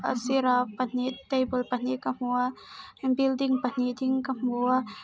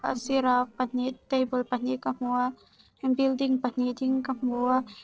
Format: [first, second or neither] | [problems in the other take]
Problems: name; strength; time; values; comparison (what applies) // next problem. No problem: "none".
first | noise reduction (neural separator model SepFormer DNS4)